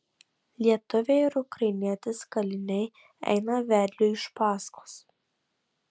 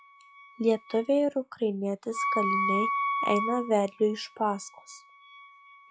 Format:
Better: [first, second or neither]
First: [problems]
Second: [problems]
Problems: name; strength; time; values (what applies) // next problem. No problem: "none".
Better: first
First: none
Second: noise reduction (classical method log-MMSE)